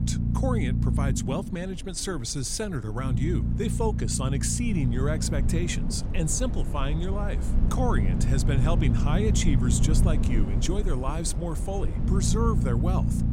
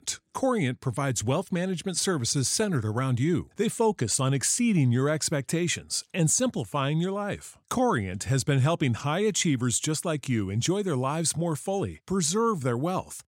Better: second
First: low rumble; loud; throughout; 6 dB below the speech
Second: none

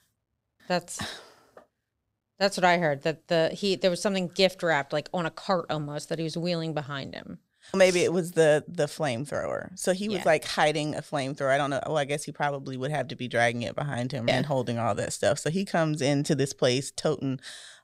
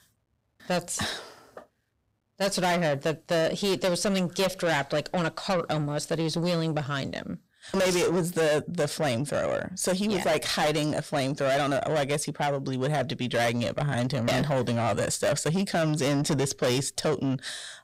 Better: first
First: none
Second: distortion; heavy; 6 dB below the speech

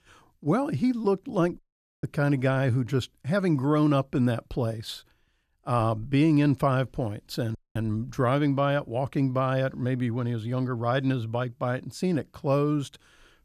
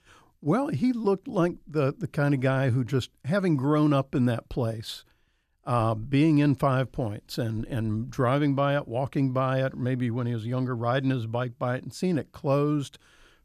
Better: second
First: audio cutting out; at 1.5 s and at 7.5 s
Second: none

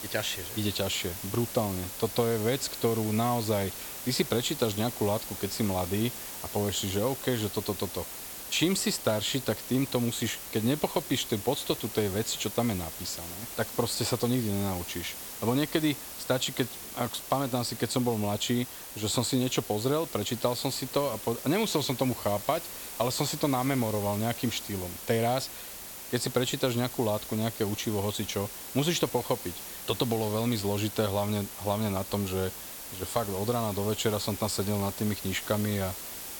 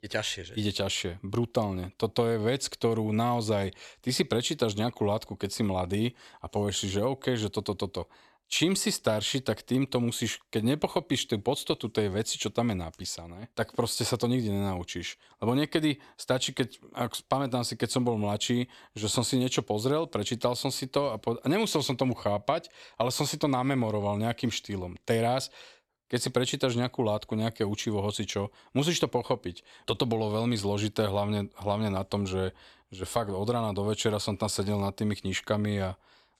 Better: second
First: hiss; loud; throughout; 8 dB below the speech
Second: none

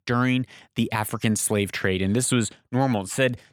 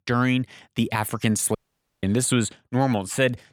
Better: first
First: none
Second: audio cutting out; at 1.5 s

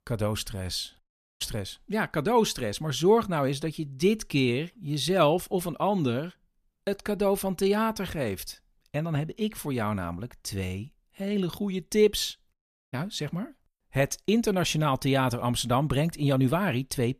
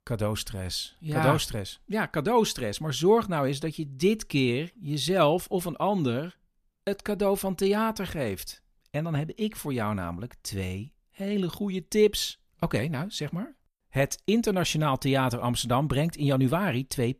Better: second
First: audio cutting out; at 1 s and at 13 s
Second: none

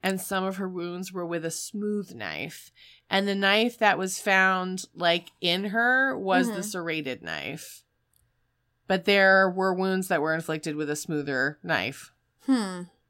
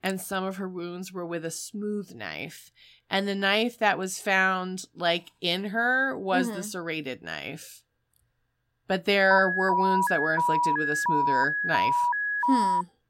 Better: first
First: none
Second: alarm; loud; from 9.5 s on; peak 3 dB above the speech

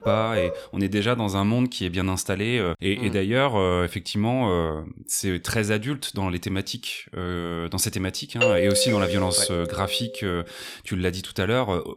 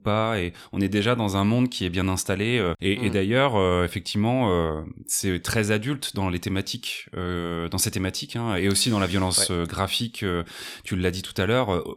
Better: second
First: dog barking; noticeable; at the start; peak 2 dB below the speech // doorbell; loud; from 8.5 to 10 s; peak 4 dB above the speech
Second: none

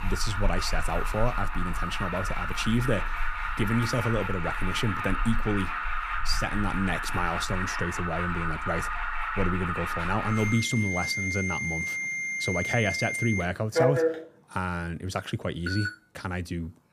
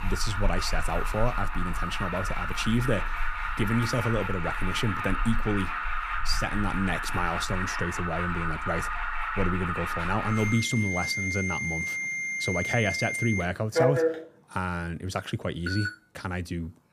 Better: neither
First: alarms or sirens; loud; throughout; as loud as the speech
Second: alarms or sirens; loud; throughout; as loud as the speech

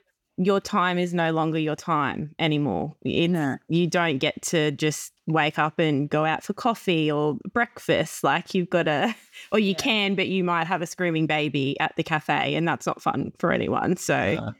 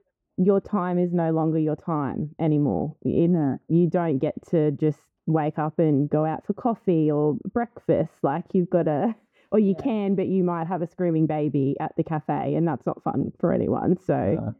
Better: first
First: none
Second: muffled; very; fading above 1.5 kHz

